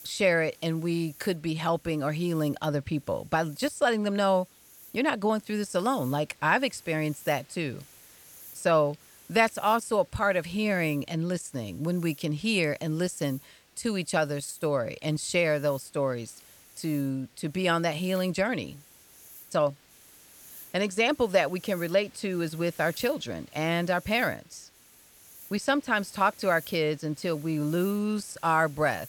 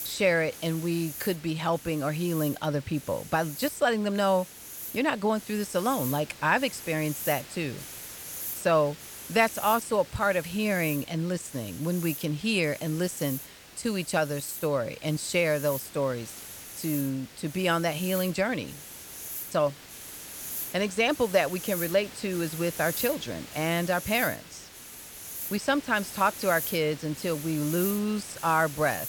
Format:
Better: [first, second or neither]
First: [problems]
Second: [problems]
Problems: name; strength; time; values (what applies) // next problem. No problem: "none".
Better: first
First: hiss; faint; throughout; 20 dB below the speech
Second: hiss; loud; throughout; 10 dB below the speech